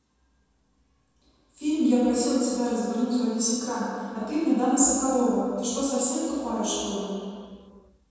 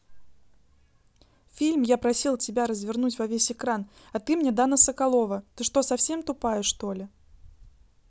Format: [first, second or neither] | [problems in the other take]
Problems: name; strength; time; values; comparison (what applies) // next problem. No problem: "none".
second | room echo; dies away in 2.1 s